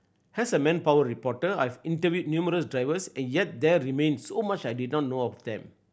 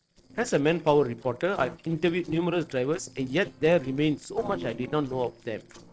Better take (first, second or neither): first